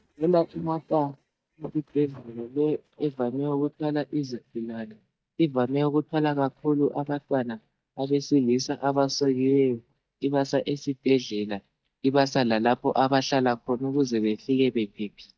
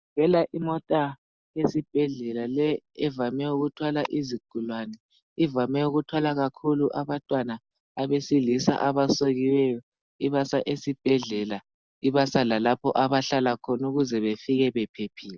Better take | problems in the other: second | noise reduction (neural mask model DeepFilterNet 3)

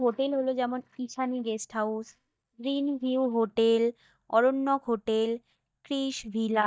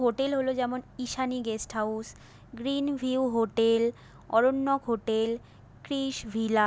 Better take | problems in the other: second | noise reduction (neural mask model DeepFilterNet 3)

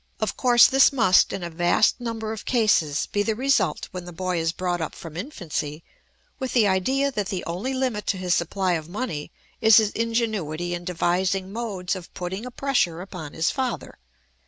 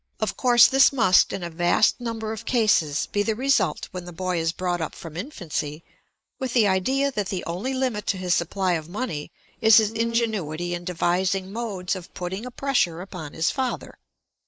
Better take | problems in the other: first | noise reduction (neural mask model Resemble Enhance denoiser)

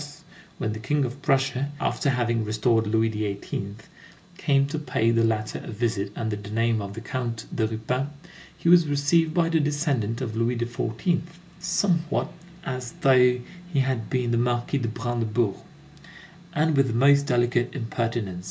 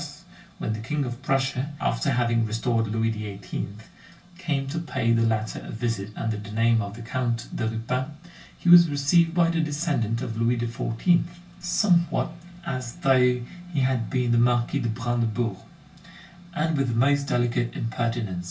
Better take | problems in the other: first | room echo; dies away in 0.2 s

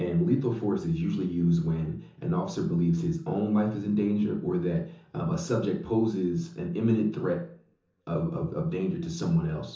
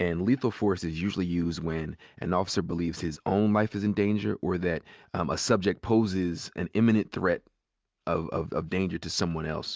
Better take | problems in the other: second | room echo; dies away in 0.7 s

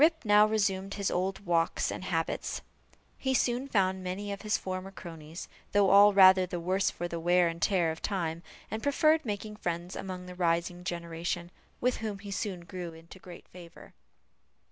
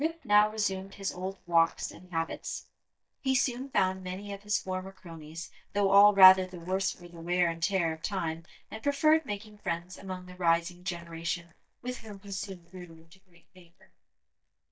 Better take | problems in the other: first | noise reduction (neural mask model DeepFilterNet 3)

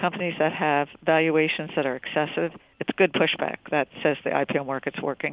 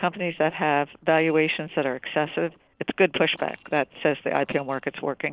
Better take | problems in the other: first | noise reduction (neural separator model SepFormer DNS4)

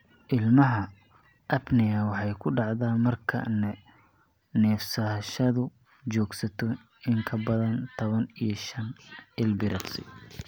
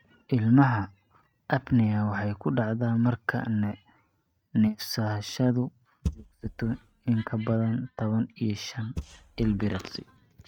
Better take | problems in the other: first | noise reduction (neural mask model RNNoise)

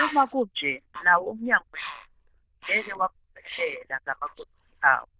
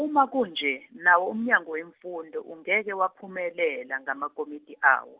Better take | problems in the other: second | noise reduction (neural diffusion model UNIVERSE++)

